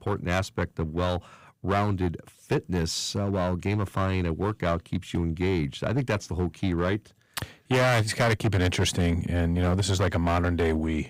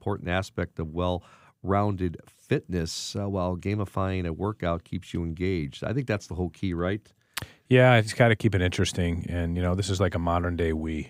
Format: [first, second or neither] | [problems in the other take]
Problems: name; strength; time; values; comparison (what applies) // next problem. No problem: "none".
second | distortion; heavy; 9% of the sound clipped